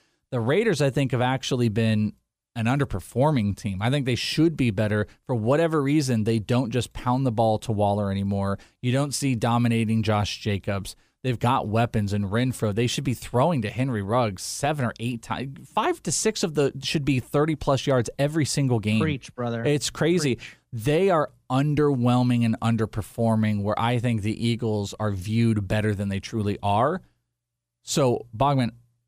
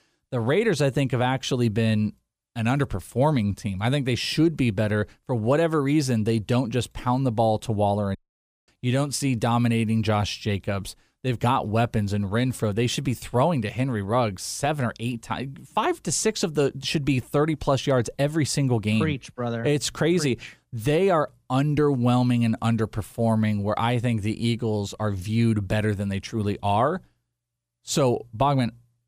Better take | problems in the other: first | audio cutting out; at 8 s for 0.5 s

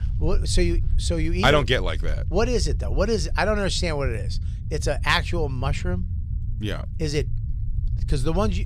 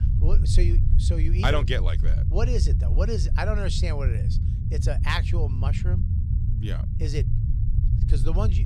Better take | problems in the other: first | low rumble; loud; throughout; 8 dB below the speech; faint in the first

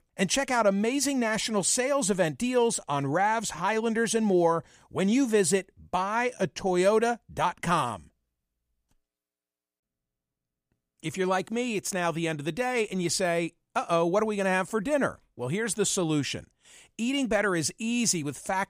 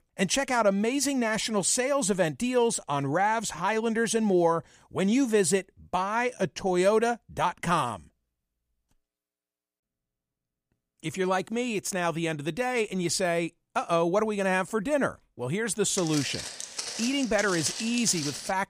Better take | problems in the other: first | footsteps; noticeable; from 16 s on; peak 6 dB below the speech

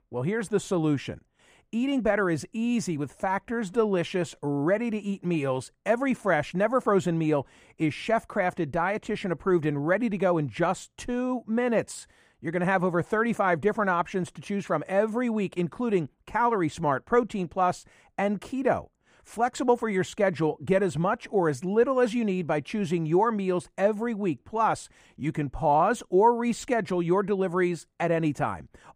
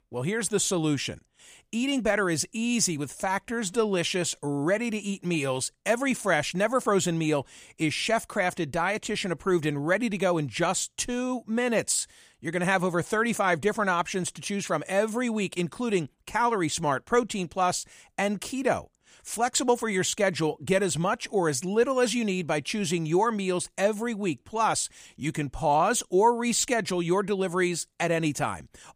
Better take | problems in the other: second | muffled; slightly; fading above 2.5 kHz

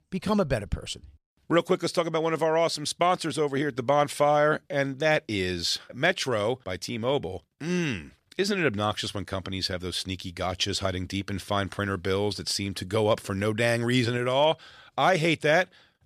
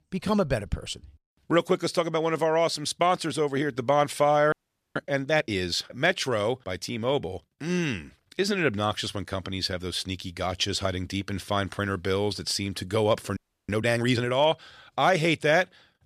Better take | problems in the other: first | audio freezing; at 4.5 s and at 13 s

